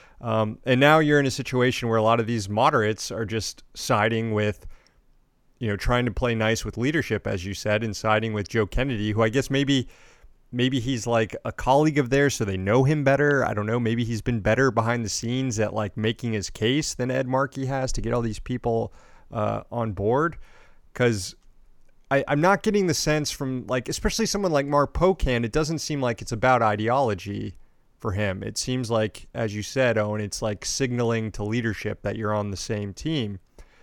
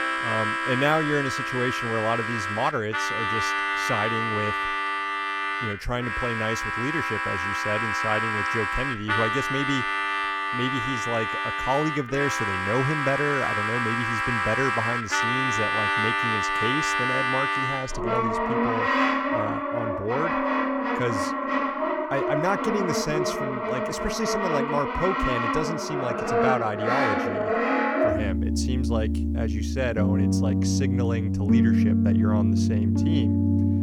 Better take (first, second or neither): first